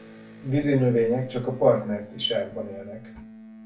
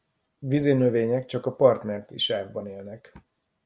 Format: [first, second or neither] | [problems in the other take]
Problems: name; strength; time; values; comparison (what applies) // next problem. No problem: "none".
second | background sound (Electric guitar); 19 dB below the speech // room echo; dies away in 0.2 s